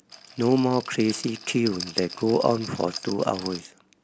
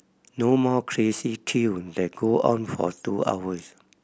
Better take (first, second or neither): second